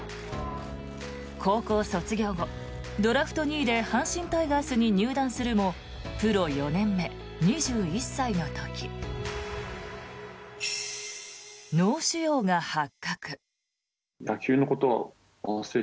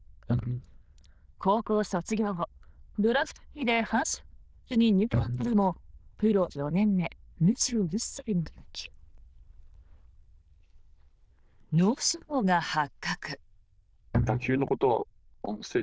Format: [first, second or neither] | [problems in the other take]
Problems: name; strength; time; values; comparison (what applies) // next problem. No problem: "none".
first | noise reduction (neural diffusion model UNIVERSE++)